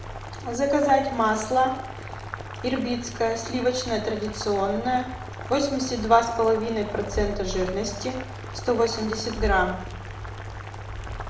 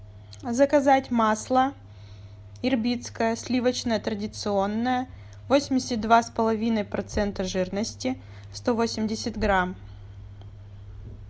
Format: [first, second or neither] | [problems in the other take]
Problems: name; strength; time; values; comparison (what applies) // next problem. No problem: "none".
second | background sound (Boiling); 14 dB below the speech // room echo; dies away in 0.6 s